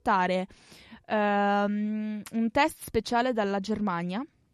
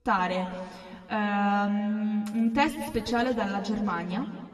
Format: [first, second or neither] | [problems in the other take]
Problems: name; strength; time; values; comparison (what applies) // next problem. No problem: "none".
first | room echo; slight; dies away in 1.9 s // off-mic speech; somewhat distant